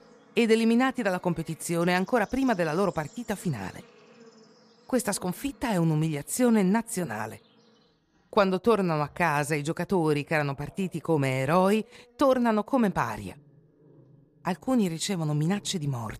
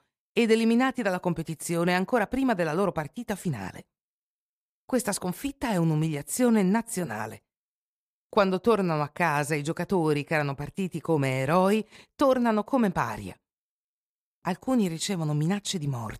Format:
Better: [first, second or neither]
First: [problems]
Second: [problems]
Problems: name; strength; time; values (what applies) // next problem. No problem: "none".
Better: second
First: animal sounds; faint; throughout; 30 dB below the speech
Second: none